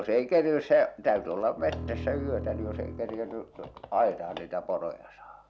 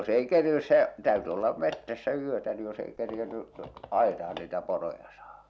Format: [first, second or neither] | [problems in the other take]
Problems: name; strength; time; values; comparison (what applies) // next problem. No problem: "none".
second | background sound (Bowed string instrument); 9 dB below the speech